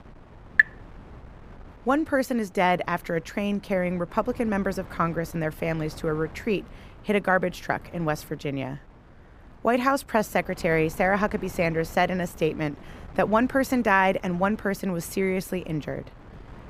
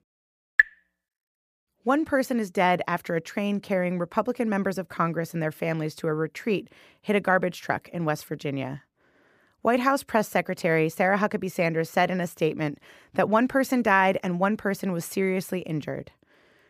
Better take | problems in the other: second | wind noise on the microphone; occasional gusts; 25 dB below the speech

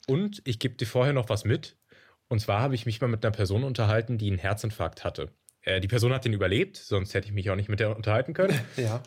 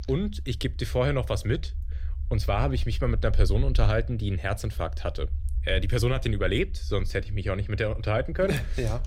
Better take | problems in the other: first | low rumble; faint; throughout; 25 dB below the speech

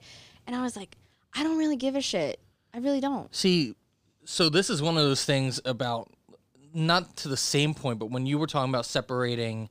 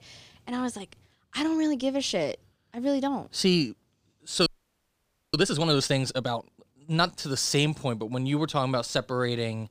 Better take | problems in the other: first | audio freezing; at 4.5 s for 1 s

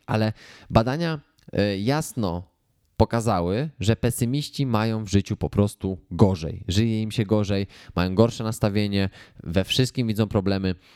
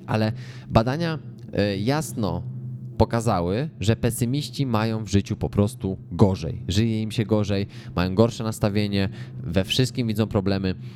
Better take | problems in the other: first | background music; noticeable; throughout; 15 dB below the speech

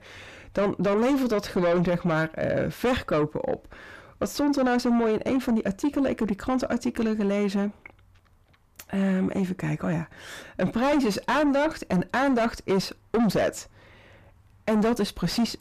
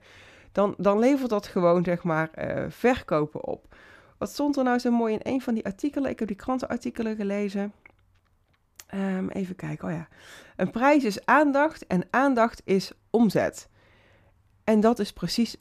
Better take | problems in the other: second | distortion; heavy; 6 dB below the speech

